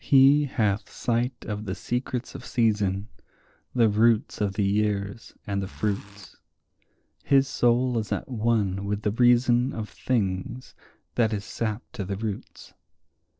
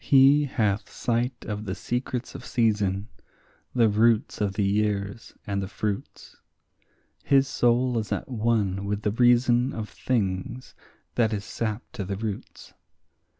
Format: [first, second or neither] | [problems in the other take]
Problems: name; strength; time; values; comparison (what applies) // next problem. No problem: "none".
second | noise reduction (neural separator model SepFormer DNS4)